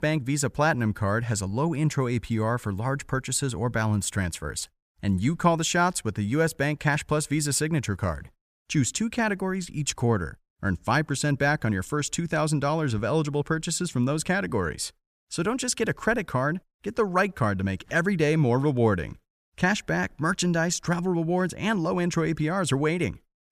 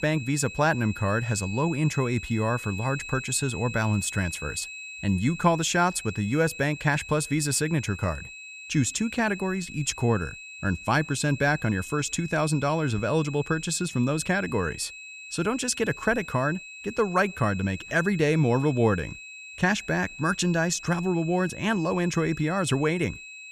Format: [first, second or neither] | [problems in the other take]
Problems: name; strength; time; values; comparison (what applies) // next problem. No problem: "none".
first | high-pitched whine; noticeable; throughout; 2.5 kHz, 15 dB below the speech